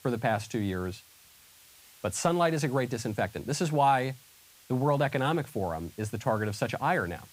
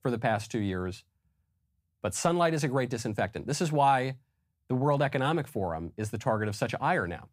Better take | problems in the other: second | hiss; faint; throughout; 25 dB below the speech

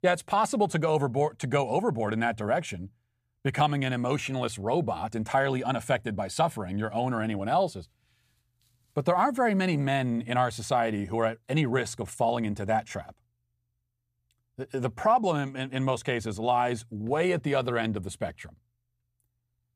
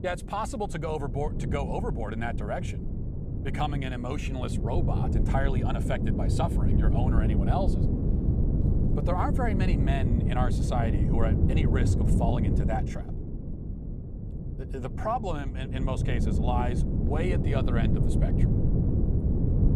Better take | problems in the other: first | wind noise on the microphone; heavy; 4 dB below the speech

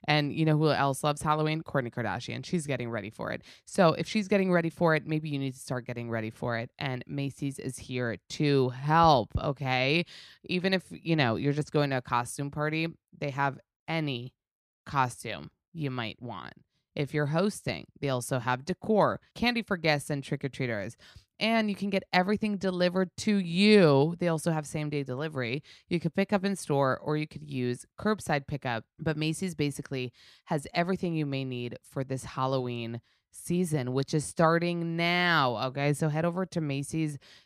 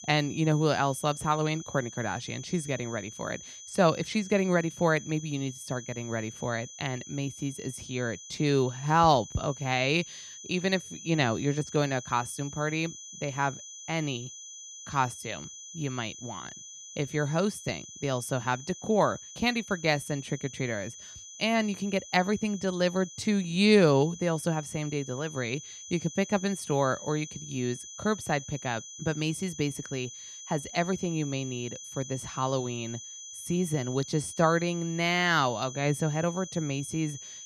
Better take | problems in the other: first | high-pitched whine; noticeable; throughout; 6 kHz, 15 dB below the speech

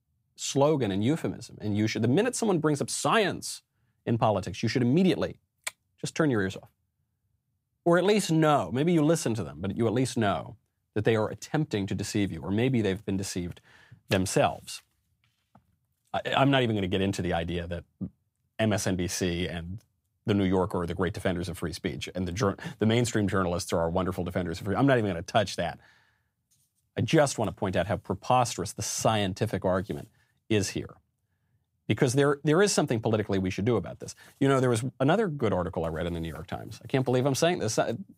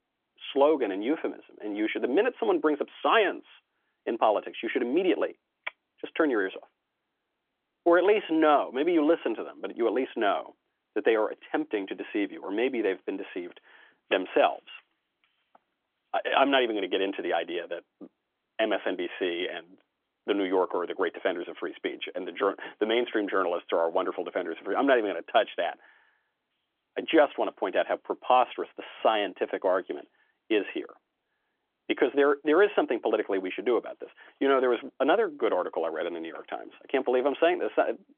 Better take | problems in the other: first | phone-call audio; nothing above 3.5 kHz

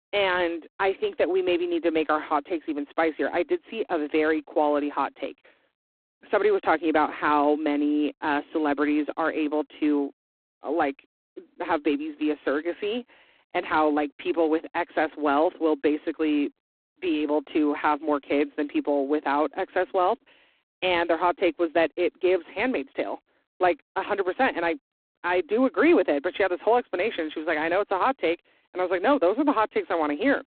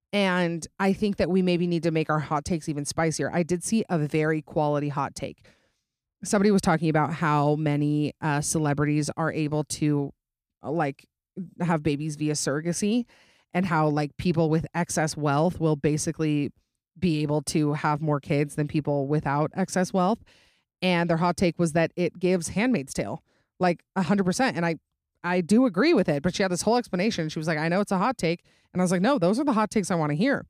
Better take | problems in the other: second | phone-call audio; poor line; nothing above 4 kHz

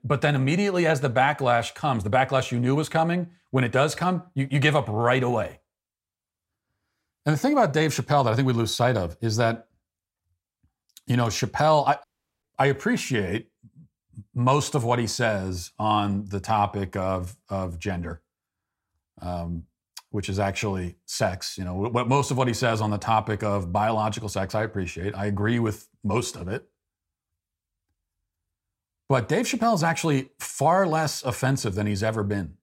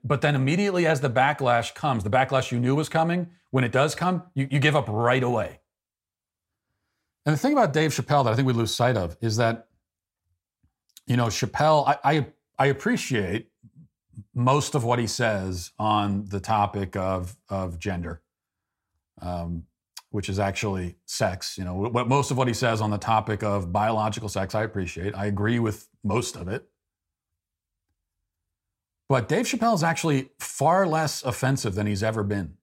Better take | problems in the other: second | audio cutting out; at 12 s

